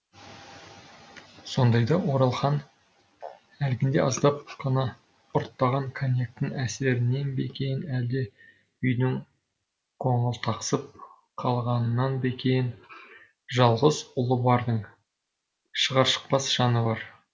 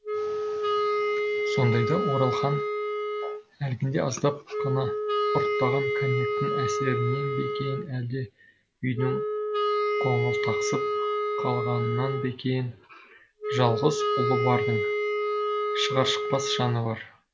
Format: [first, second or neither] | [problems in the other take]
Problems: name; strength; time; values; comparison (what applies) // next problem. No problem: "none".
first | background sound (Wind instrument, woodwind instrument); 1 dB above the speech